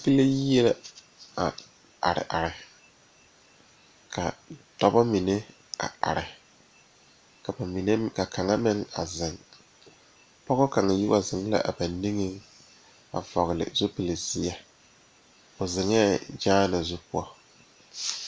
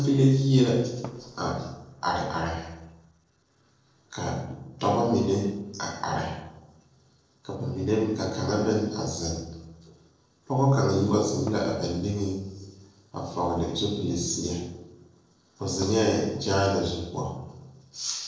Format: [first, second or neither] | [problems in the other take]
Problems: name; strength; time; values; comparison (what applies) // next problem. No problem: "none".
first | noise reduction (neural separator model SepFormer DNS4)